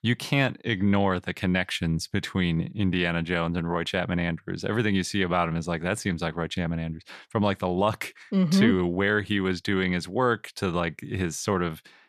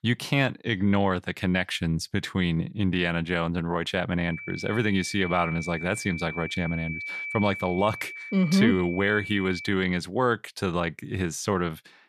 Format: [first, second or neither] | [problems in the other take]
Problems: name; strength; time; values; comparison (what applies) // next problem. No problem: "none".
first | high-pitched whine; loud; from 4.5 to 9.5 s; 2.5 kHz, 9 dB below the speech